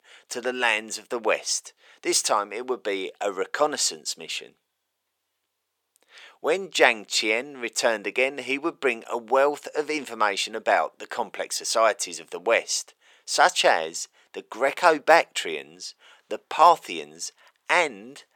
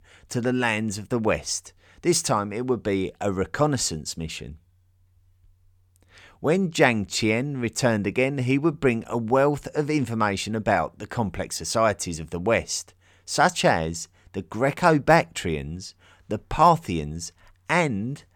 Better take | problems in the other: second | thin; very; fading below 400 Hz

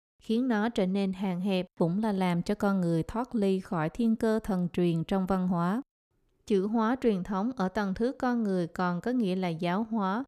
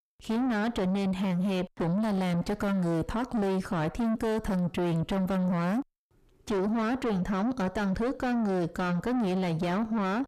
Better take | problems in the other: first | distortion; heavy; 5 dB below the speech

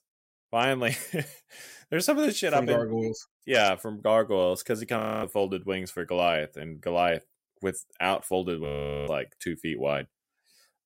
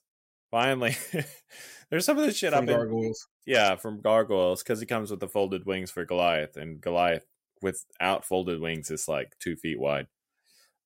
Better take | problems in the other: second | audio freezing; at 5 s and at 8.5 s

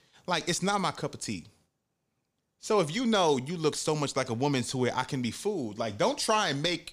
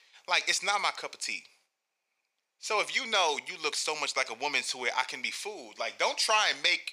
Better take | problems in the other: first | thin; very; fading below 750 Hz

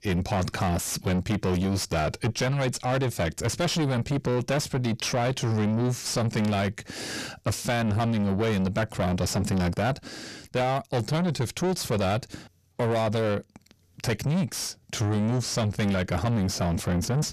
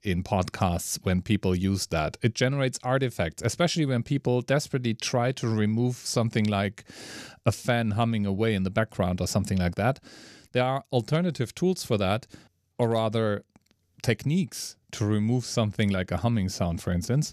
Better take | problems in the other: second | distortion; heavy; 6 dB below the speech

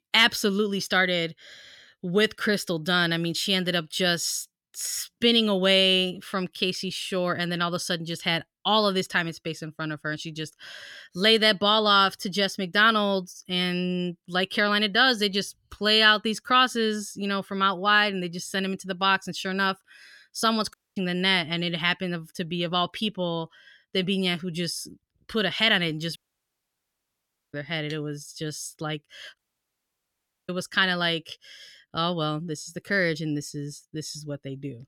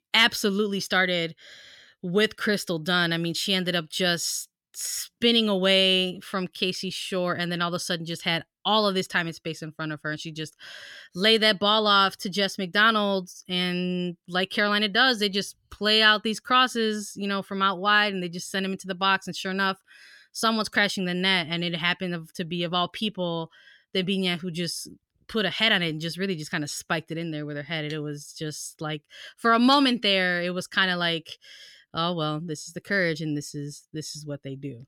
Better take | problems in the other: second | audio cutting out; at 21 s, at 26 s for 1.5 s and at 29 s for 1 s

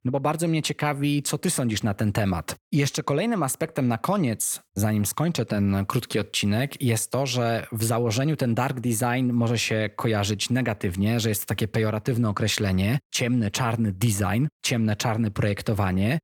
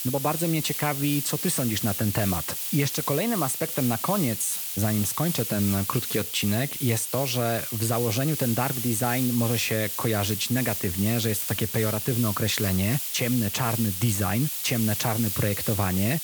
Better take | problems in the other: first | hiss; loud; throughout; 3 dB below the speech

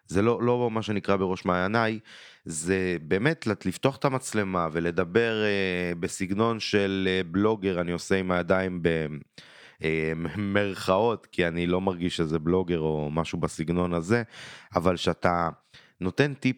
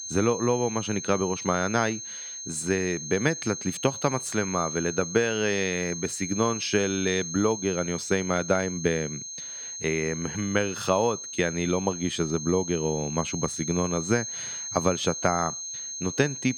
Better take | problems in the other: first | high-pitched whine; loud; throughout; 6.5 kHz, 6 dB below the speech

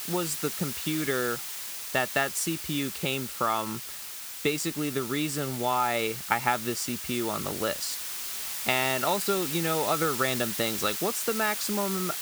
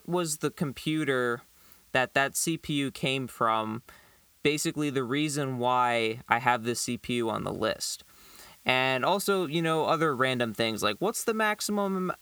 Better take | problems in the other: second | hiss; loud; throughout; 4 dB below the speech; faint in the second

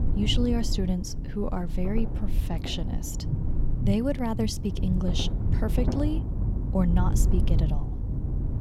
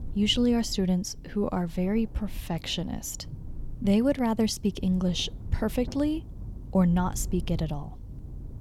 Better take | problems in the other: second | low rumble; loud; throughout; 8 dB below the speech; faint in the second

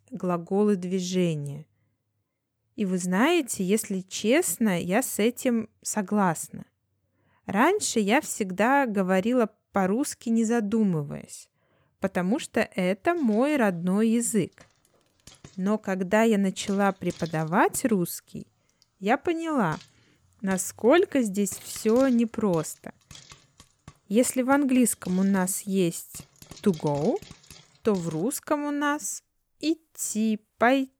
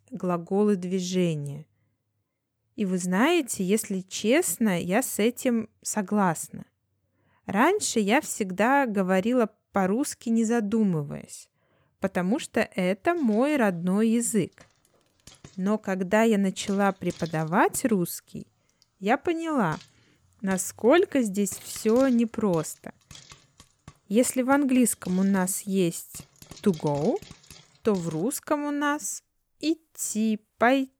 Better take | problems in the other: neither | household noises; faint; from 13 s on; 25 dB below the speech; the same in both

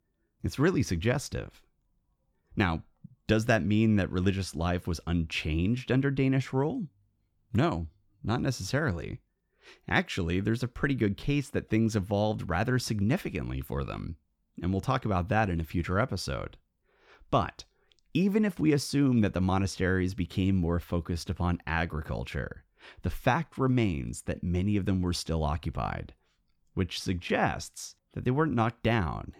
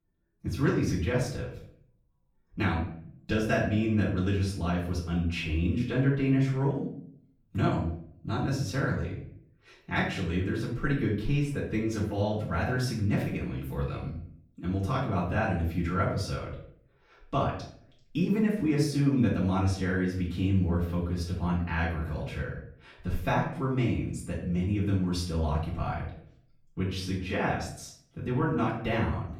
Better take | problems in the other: first | off-mic speech; far // room echo; noticeable; dies away in 0.5 s

